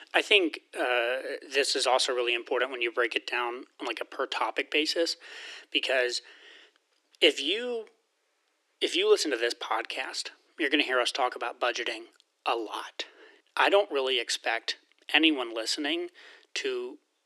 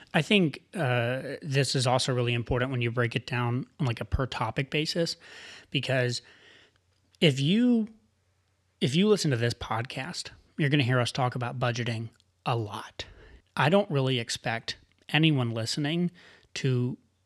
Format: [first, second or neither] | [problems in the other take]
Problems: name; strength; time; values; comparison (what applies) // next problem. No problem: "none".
second | thin; very; fading below 300 Hz